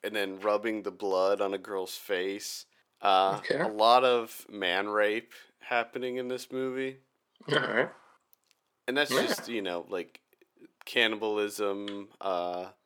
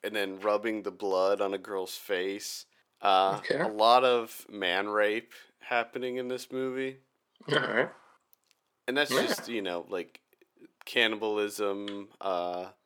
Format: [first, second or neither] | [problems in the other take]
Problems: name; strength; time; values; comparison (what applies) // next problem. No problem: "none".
neither | thin; somewhat; fading below 450 Hz; the same in both